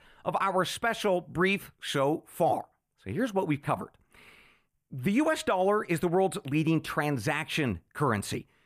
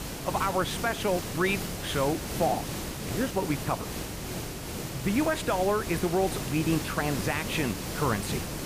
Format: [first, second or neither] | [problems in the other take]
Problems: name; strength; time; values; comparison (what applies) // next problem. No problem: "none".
first | hiss; loud; throughout; 5 dB below the speech